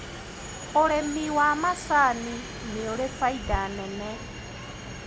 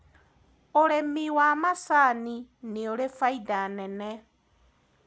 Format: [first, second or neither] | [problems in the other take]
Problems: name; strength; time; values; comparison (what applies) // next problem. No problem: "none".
second | background sound (Subway, metro, underground); 9 dB below the speech